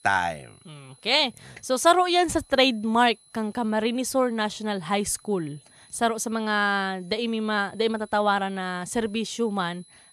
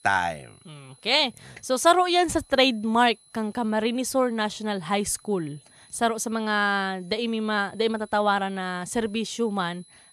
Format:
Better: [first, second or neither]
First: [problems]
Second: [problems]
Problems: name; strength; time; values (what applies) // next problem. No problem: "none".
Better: neither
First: high-pitched whine; faint; throughout; 10.5 kHz, 30 dB below the speech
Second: high-pitched whine; faint; throughout; 10.5 kHz, 30 dB below the speech